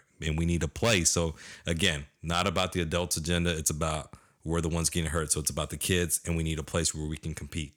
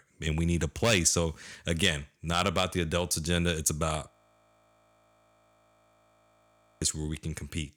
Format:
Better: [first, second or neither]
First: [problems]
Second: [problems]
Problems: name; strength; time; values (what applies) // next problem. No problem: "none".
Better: first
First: none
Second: audio freezing; at 4 s for 2.5 s